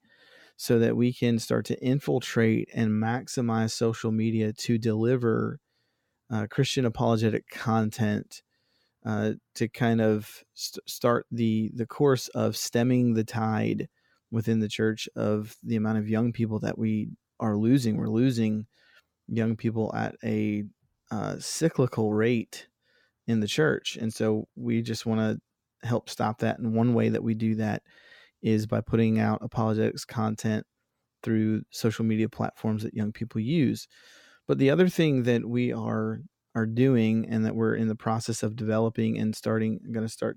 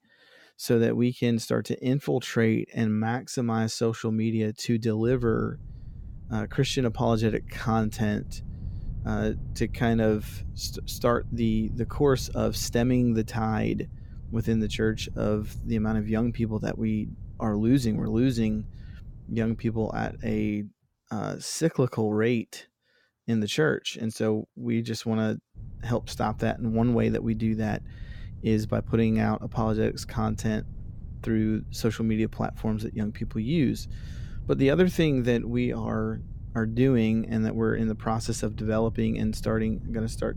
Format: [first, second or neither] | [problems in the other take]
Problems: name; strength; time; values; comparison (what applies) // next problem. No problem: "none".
first | low rumble; faint; from 5 to 21 s and from 26 s on; 25 dB below the speech